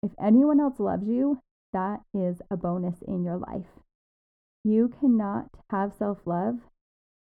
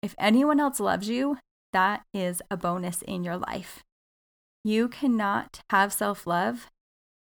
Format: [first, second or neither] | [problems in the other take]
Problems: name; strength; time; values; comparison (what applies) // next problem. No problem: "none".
second | muffled; very; fading above 1.5 kHz